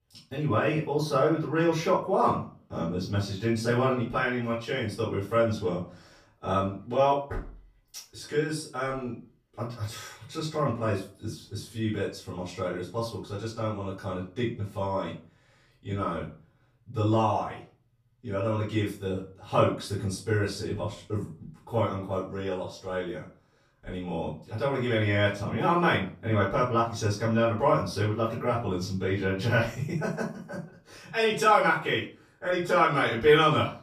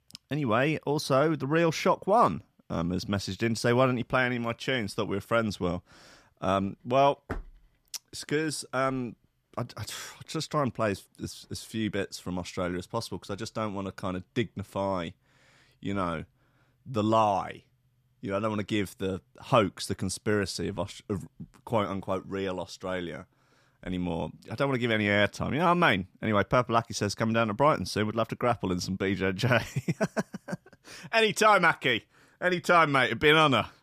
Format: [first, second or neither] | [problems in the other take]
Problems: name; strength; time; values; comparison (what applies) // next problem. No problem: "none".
second | off-mic speech; far // room echo; noticeable; dies away in 0.3 s